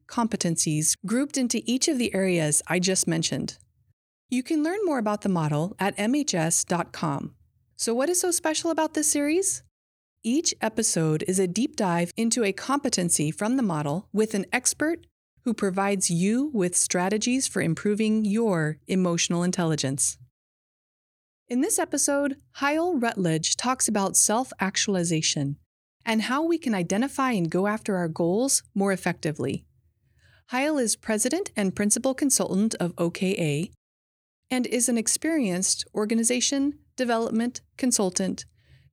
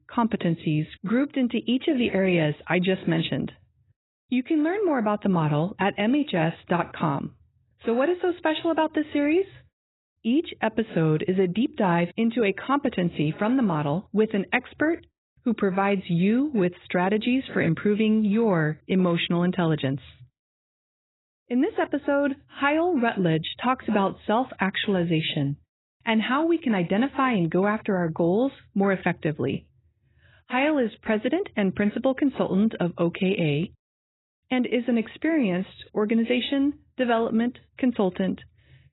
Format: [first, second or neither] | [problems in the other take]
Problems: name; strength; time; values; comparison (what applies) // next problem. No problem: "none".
first | garbled, watery; badly; nothing above 4 kHz